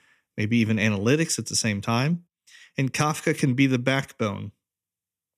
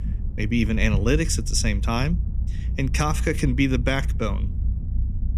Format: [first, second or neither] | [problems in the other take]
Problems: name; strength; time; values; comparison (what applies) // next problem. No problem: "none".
first | low rumble; noticeable; throughout; 20 dB below the speech